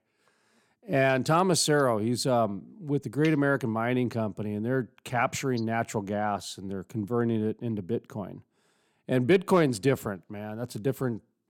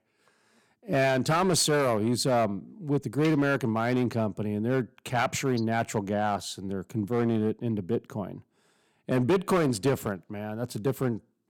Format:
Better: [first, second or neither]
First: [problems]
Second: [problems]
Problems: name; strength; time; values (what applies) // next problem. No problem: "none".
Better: first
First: none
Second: distortion; slight; 5% of the sound clipped